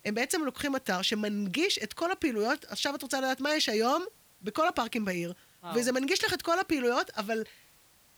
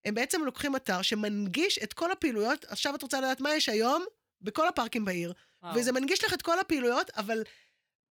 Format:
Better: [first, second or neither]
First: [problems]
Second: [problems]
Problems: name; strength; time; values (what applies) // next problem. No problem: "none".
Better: second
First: hiss; faint; throughout; 30 dB below the speech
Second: none